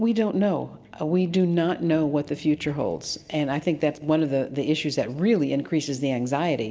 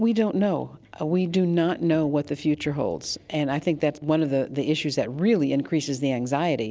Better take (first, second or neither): second